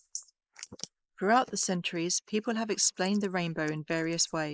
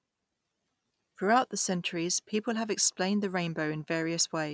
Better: second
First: noise reduction (neural mask model Resemble Enhance denoiser)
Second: none

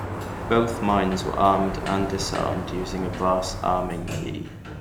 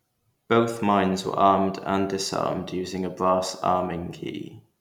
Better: second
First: background sound (Sliding door); 7 dB below the speech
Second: none

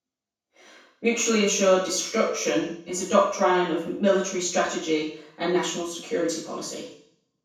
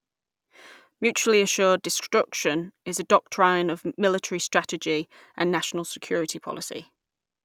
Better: second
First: room echo; dies away in 0.6 s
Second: none

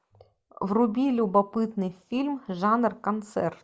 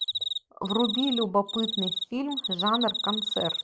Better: first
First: none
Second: background sound (Cricket); 3 dB below the speech

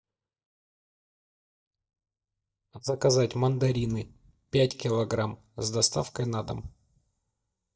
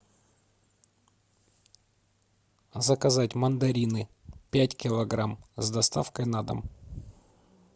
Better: second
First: noise reduction (neural mask model DeepFilterNet 3)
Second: none

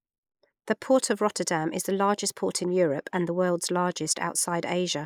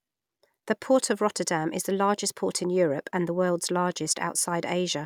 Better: second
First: noise reduction (neural mask model Resemble Enhance denoiser)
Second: none

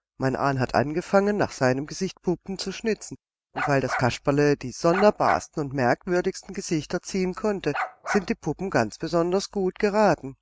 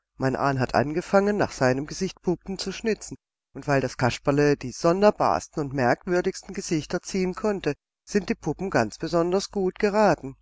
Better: second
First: noise reduction (neural mask model RNNoise)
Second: none

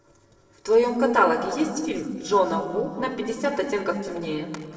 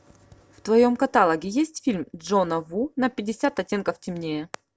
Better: second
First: noise reduction (neural separator model SepFormer DNS4)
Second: none

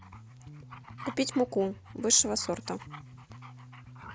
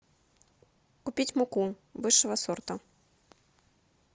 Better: second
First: background sound (Bass guitar + Dog); 14 dB below the speech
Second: none

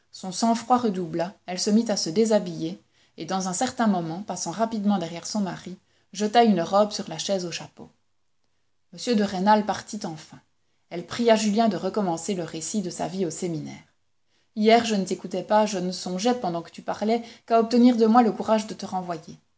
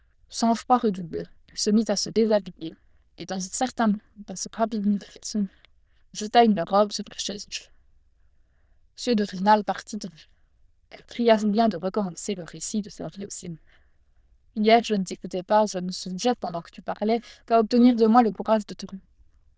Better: first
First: none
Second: noise reduction (neural diffusion model UNIVERSE++)

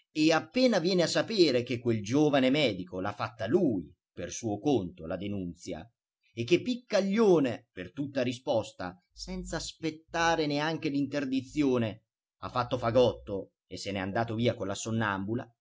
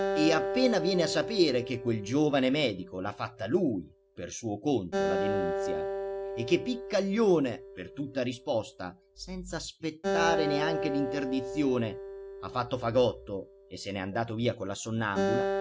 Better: first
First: none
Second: background sound (Acoustic guitar); 5 dB below the speech

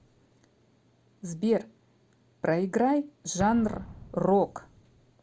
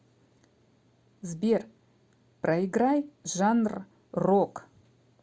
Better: second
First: background sound (Explosion); 19 dB below the speech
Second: none

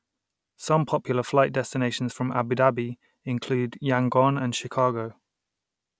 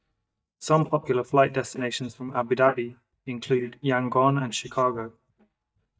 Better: first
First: none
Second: noise reduction (neural mask model DeepFilterNet 3)

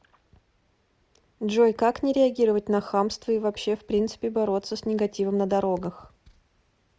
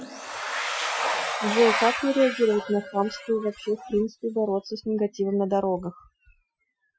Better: first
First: none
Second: noise reduction (classical method Wiener filter)

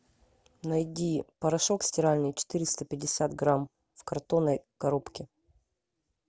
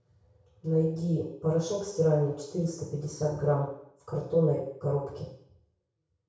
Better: first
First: none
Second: room echo; dies away in 0.6 s

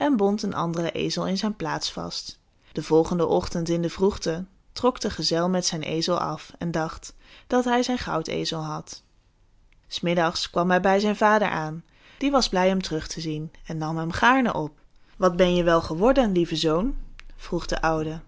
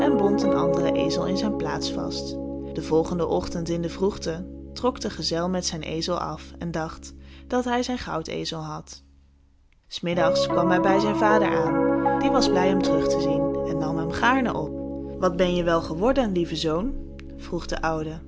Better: first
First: none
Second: background sound (Piano); 1 dB below the speech

